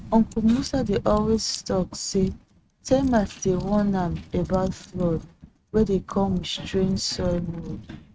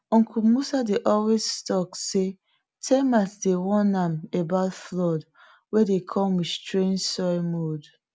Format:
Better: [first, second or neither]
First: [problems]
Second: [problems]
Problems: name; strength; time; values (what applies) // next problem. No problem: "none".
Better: second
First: noise reduction (neural mask model RNNoise)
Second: none